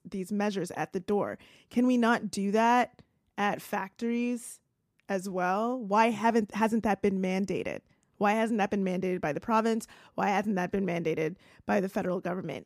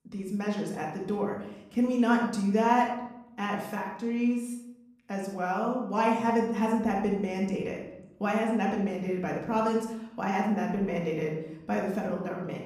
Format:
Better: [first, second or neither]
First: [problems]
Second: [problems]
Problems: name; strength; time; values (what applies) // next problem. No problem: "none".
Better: first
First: none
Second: room echo; noticeable; dies away in 0.7 s // off-mic speech; far